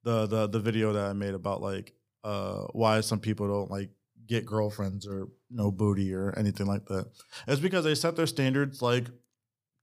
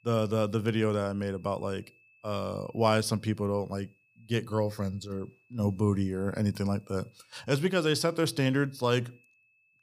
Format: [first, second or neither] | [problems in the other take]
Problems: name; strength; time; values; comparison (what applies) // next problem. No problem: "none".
first | high-pitched whine; faint; throughout; 2.5 kHz, 35 dB below the speech